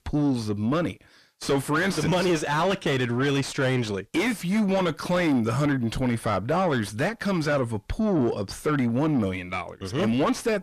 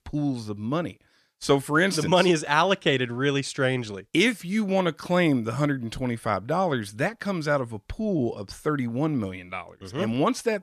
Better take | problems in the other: second | distortion; heavy; 5 dB below the speech

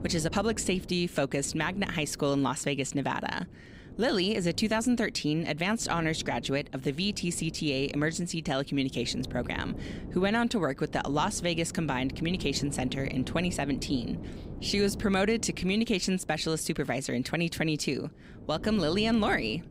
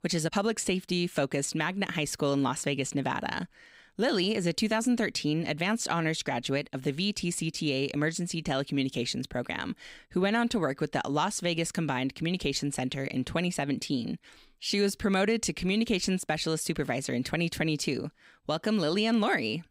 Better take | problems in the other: second | wind noise on the microphone; occasional gusts; 20 dB below the speech

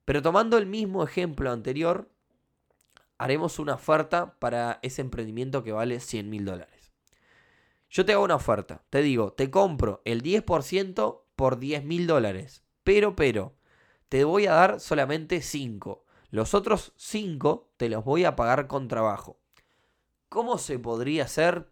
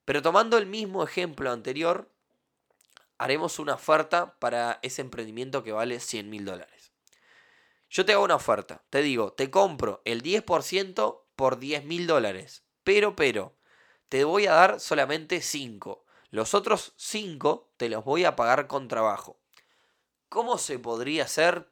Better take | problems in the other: first | thin; very slightly; fading below 500 Hz

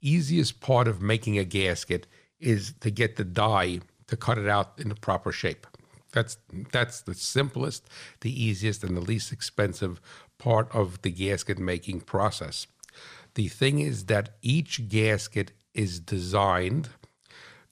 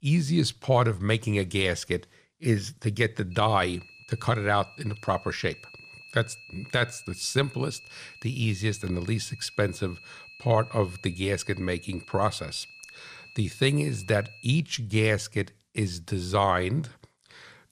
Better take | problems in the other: first | high-pitched whine; noticeable; from 3.5 to 15 s; 2.5 kHz, 20 dB below the speech

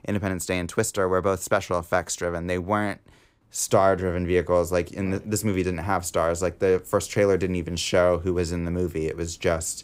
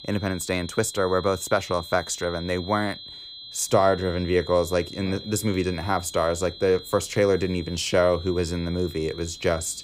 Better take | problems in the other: first | high-pitched whine; noticeable; throughout; 4 kHz, 15 dB below the speech

